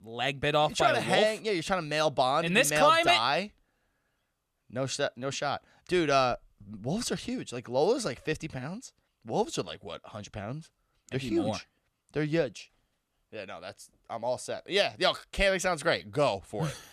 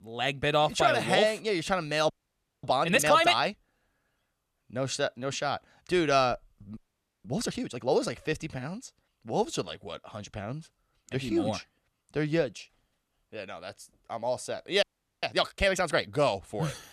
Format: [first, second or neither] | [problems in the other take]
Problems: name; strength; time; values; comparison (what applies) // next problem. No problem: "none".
first | audio freezing; at 2 s for 0.5 s, at 7 s and at 15 s